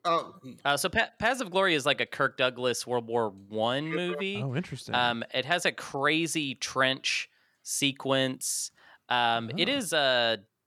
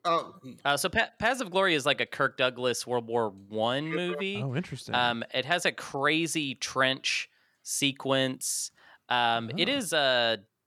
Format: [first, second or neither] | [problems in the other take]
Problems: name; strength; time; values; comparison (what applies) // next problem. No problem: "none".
neither | none